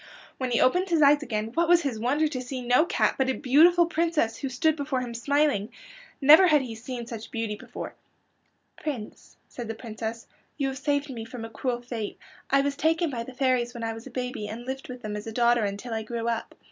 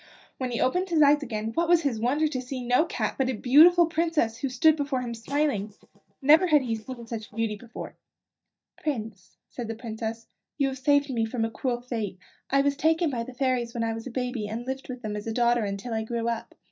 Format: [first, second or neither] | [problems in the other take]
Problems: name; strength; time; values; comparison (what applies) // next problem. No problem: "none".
first | noise reduction (neural mask model DeepFilterNet 3)